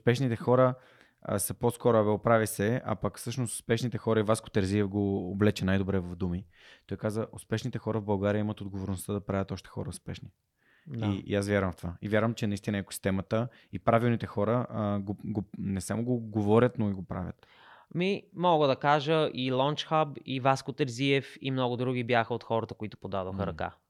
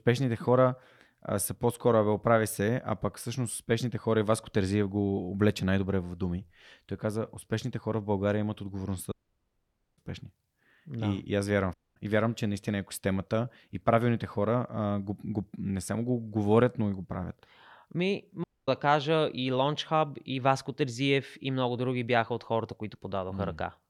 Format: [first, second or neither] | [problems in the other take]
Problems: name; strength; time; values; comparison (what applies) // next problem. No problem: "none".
first | audio cutting out; at 9 s for 1 s, at 12 s and at 18 s